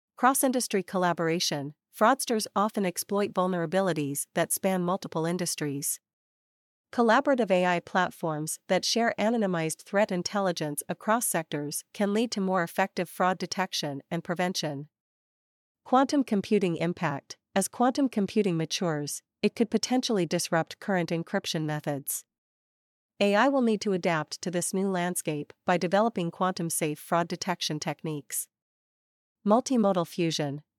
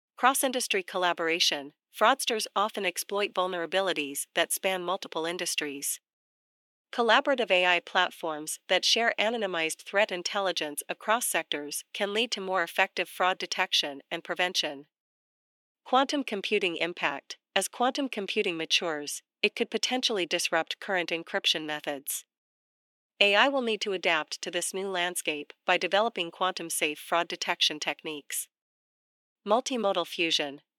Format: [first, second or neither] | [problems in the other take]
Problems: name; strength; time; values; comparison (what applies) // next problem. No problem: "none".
first | thin; somewhat; fading below 300 Hz